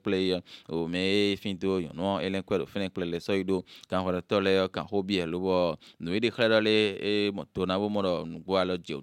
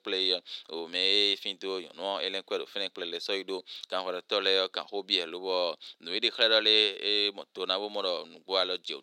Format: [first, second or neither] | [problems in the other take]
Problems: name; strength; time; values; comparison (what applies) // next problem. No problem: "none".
first | thin; somewhat; fading below 400 Hz